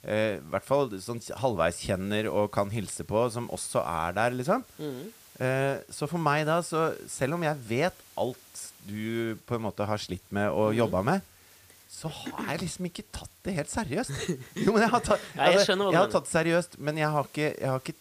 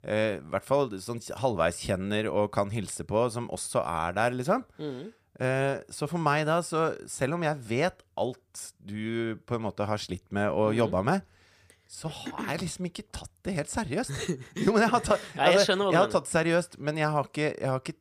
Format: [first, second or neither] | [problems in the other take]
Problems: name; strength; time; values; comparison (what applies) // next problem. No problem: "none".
second | hiss; faint; throughout; 25 dB below the speech